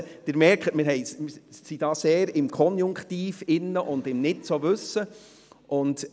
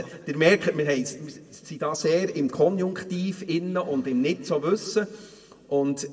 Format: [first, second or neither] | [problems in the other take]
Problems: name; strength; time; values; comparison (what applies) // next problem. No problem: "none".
first | room echo; dies away in 1.1 s